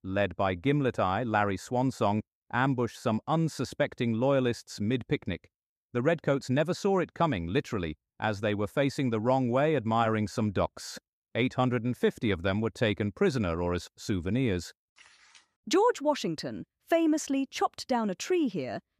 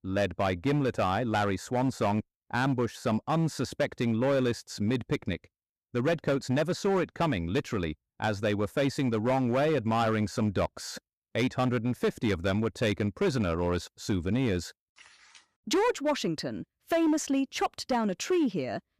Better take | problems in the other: first | distortion; slight; 8% of the sound clipped

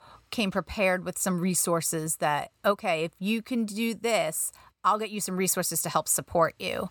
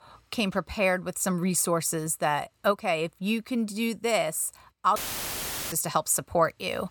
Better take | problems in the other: first | audio cutting out; filled with static; at 5 s for 1 s

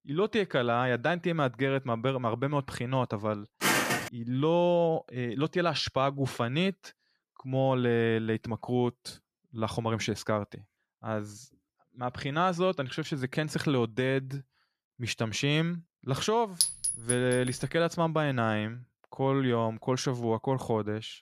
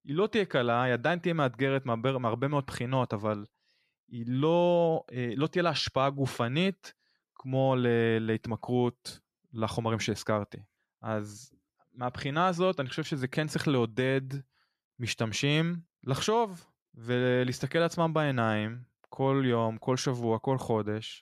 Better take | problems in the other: second | footsteps; loud; at 3.5 s; peak 4 dB above the speech // clattering dishes; loud; at 17 s; peak 3 dB above the speech

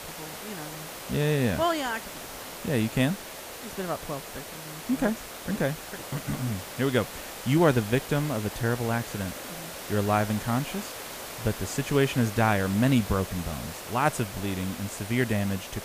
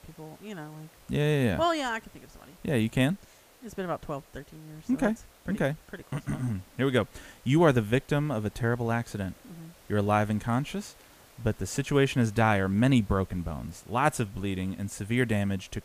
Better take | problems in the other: second | hiss; loud; throughout; 10 dB below the speech; faint in the second

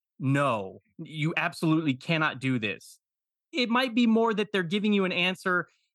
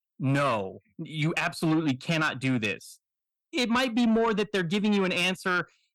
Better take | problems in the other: first | distortion; slight; 10 dB below the speech

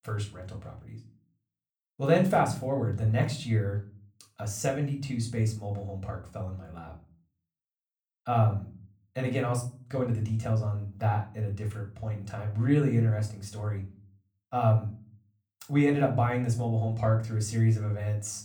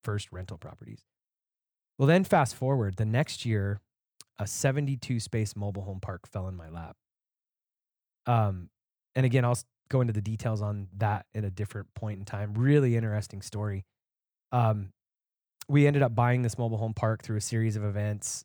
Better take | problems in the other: second | room echo; slight; dies away in 0.3 s // off-mic speech; somewhat distant

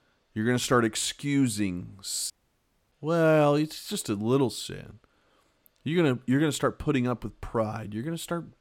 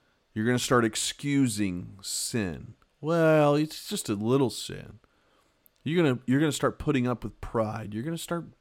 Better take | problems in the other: second | audio cutting out; at 2.5 s for 0.5 s

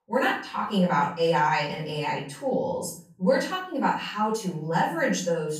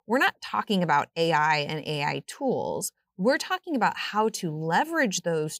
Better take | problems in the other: second | off-mic speech; far // room echo; noticeable; dies away in 0.4 s

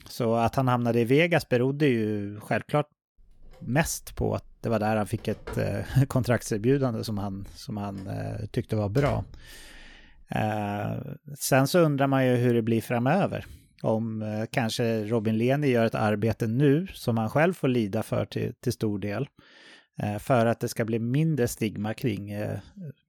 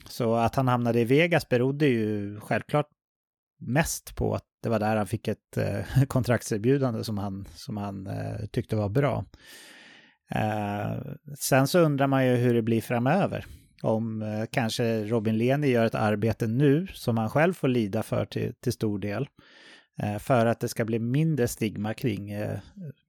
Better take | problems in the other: second | phone ringing; faint; from 3 to 10 s; peak 15 dB below the speech

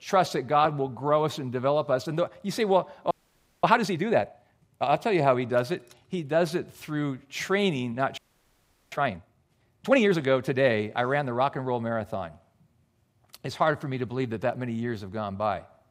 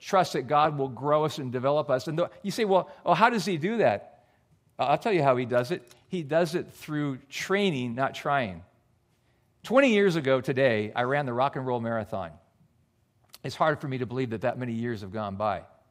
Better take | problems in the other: second | audio freezing; at 3 s for 0.5 s and at 8 s for 0.5 s

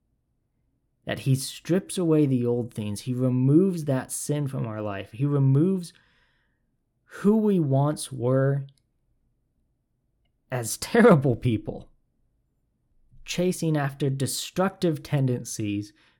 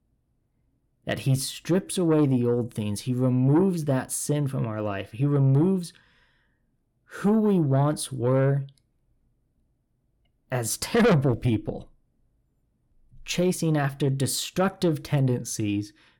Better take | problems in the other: first | distortion; slight; 10 dB below the speech

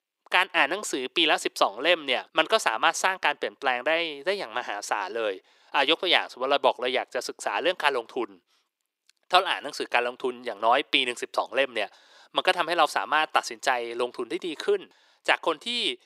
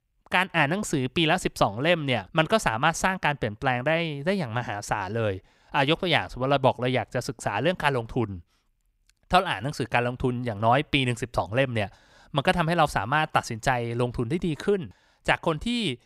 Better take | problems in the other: second | thin; very; fading below 350 Hz

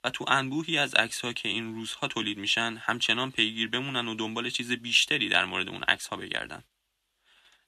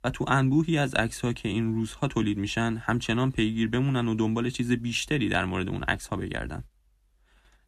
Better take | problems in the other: second | thin; somewhat; fading below 800 Hz

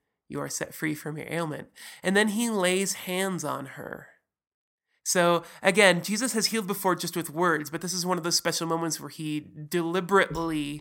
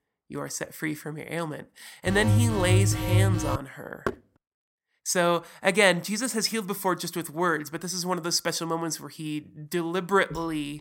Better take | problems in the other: first | alarm; loud; from 2 to 3.5 s; peak 4 dB above the speech // door banging; noticeable; at 4 s; peak 7 dB below the speech

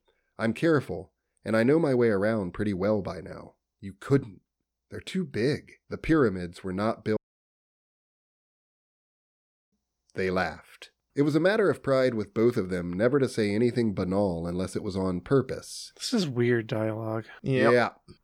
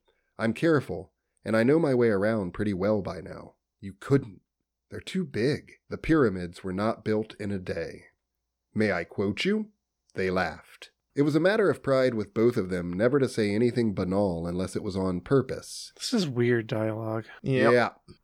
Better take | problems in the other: second | audio cutting out; at 7 s for 2.5 s

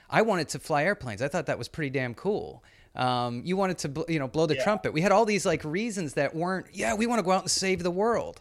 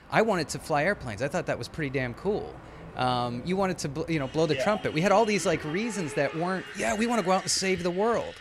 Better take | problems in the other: first | traffic noise; noticeable; throughout; 15 dB below the speech

